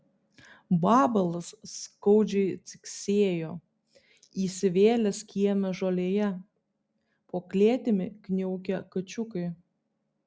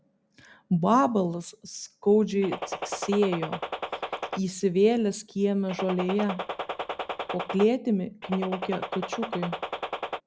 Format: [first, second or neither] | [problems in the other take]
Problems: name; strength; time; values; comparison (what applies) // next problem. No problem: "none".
first | background sound (Gunshot, gunfire); 6 dB below the speech